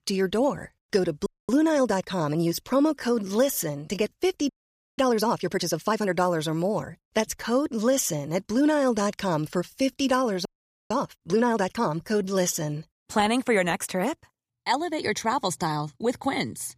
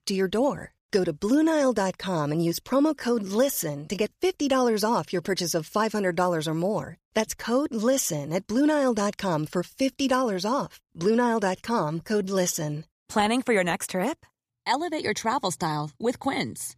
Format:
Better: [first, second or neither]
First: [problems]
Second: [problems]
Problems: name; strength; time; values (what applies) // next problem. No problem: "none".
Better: second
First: audio freezing; at 1.5 s, at 4.5 s and at 10 s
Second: none